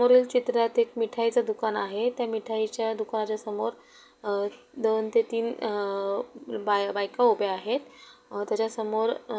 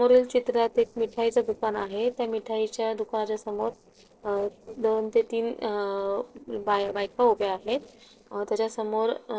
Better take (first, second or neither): first